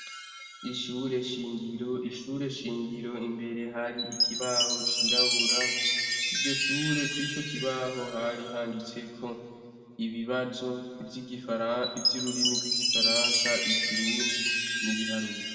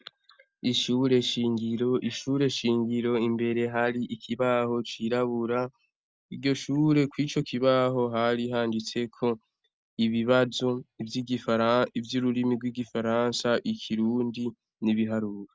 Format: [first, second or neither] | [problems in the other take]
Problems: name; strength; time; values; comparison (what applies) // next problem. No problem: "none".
second | background sound (Chime); 3 dB above the speech // room echo; dies away in 2.1 s